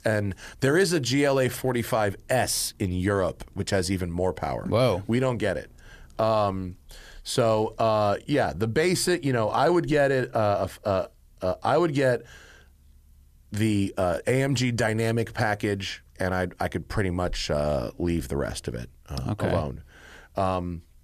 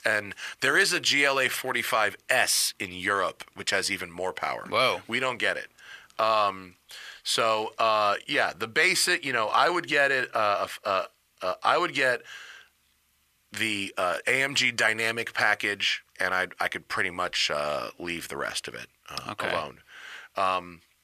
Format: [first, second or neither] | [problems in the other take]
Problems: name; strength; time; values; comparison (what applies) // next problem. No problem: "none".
first | thin; somewhat; fading below 1 kHz